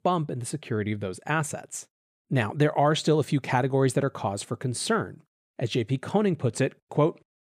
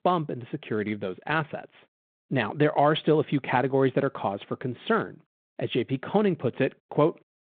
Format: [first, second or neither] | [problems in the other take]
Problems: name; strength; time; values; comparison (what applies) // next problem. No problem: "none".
first | phone-call audio